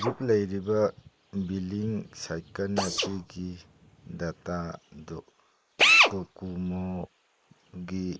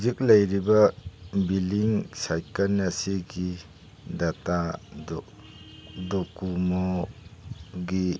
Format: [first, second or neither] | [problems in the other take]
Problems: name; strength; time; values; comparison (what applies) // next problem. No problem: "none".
second | noise reduction (neural mask model Resemble Enhance denoiser)